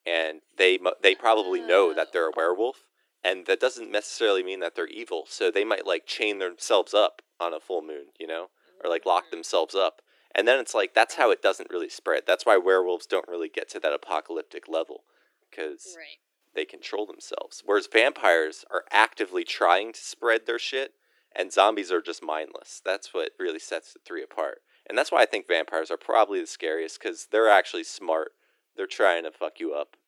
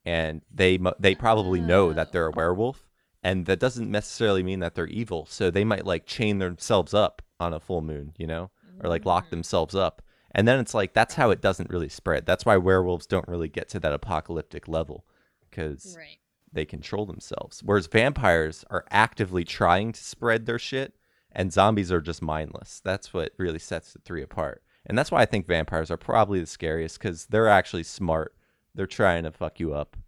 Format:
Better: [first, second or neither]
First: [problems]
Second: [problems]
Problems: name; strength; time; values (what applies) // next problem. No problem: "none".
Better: second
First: thin; very; fading below 300 Hz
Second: none